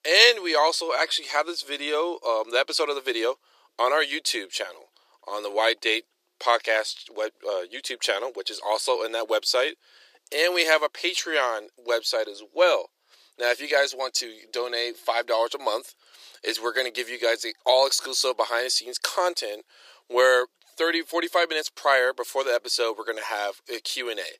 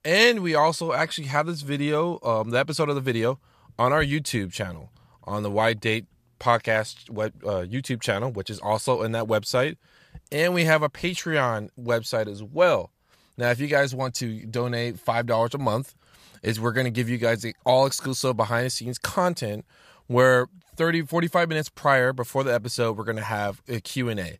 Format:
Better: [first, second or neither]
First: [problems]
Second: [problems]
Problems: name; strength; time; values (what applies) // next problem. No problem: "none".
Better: second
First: thin; very; fading below 350 Hz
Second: none